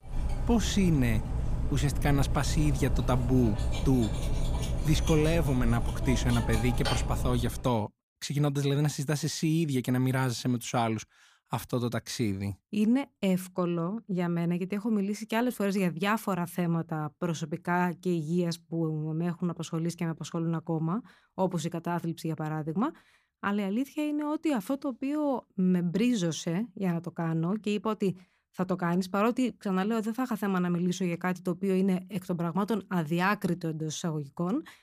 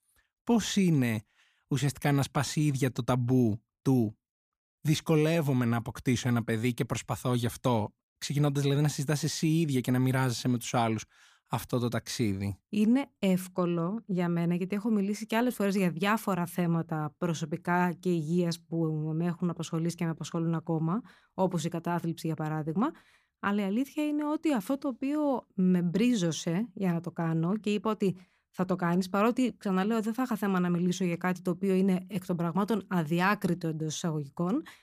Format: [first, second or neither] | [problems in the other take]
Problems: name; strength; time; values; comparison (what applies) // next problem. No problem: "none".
second | clattering dishes; noticeable; until 7.5 s; peak 1 dB below the speech